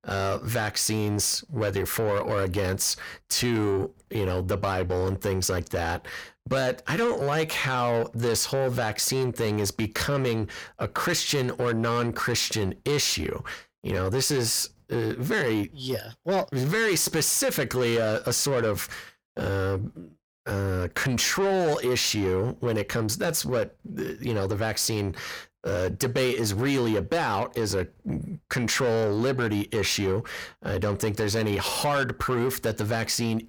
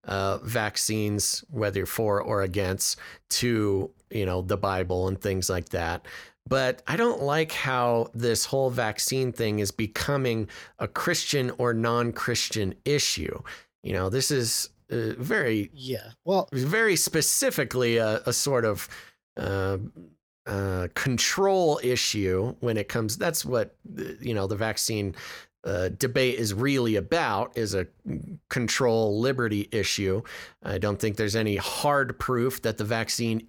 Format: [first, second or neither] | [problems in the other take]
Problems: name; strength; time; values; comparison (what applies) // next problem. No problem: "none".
second | distortion; slight; 10 dB below the speech